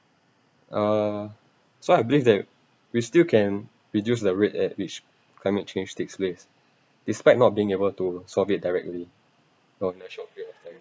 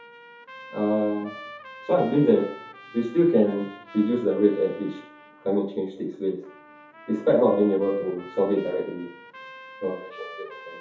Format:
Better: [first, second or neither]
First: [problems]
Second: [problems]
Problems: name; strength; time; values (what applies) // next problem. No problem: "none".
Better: first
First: none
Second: background sound (Trumpet); 19 dB below the speech // room echo; dies away in 0.5 s